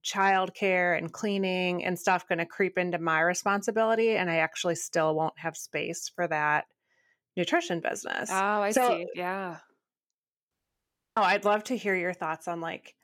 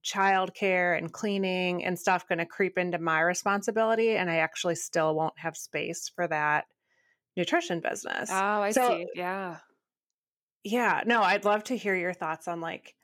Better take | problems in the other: second | audio cutting out; at 11 s for 0.5 s

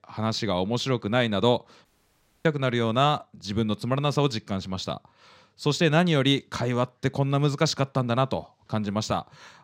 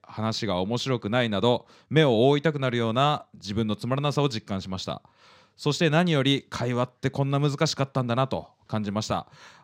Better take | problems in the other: second | audio cutting out; at 2 s for 0.5 s

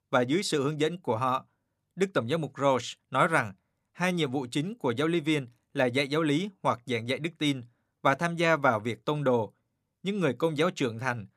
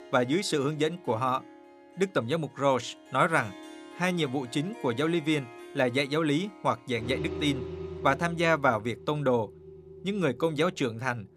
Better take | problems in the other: first | background music; noticeable; throughout; 15 dB below the speech

